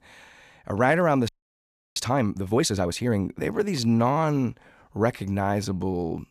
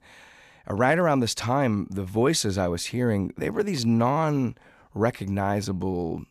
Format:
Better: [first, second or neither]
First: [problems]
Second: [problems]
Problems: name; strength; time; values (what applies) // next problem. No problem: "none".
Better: second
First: audio freezing; at 1.5 s for 0.5 s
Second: none